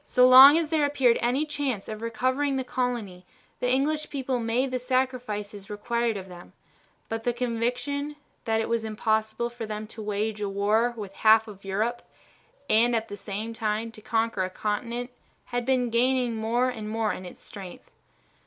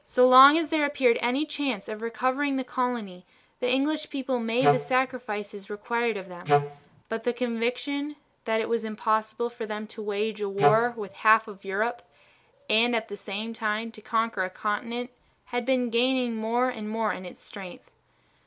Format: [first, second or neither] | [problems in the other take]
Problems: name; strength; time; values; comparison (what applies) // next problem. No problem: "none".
first | background sound (Wind instrument, woodwind instrument); 1 dB above the speech